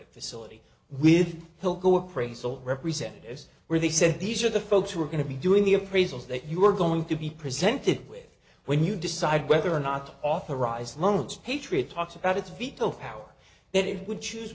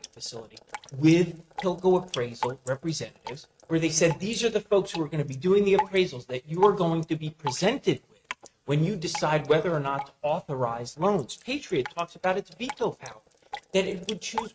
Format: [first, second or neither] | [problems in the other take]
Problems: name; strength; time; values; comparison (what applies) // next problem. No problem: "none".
first | noise reduction (neural mask model RNNoise)